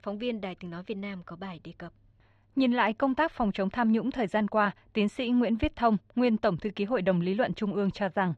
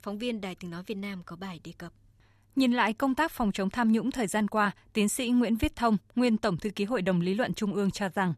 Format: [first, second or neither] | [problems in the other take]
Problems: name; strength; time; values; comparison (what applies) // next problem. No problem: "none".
second | muffled; slightly; fading above 3.5 kHz